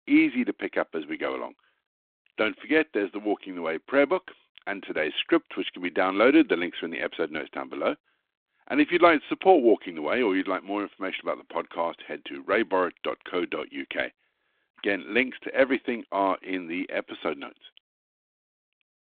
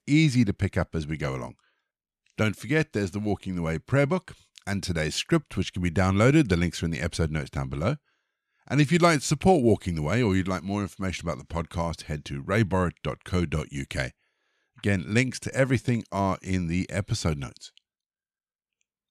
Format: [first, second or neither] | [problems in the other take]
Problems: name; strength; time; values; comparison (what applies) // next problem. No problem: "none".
second | phone-call audio